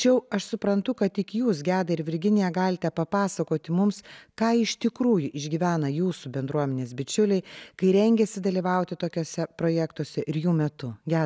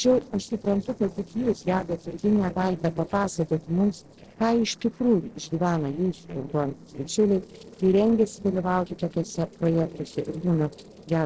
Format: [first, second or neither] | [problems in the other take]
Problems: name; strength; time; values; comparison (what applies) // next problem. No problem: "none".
first | noise reduction (neural separator model SepFormer DNS4)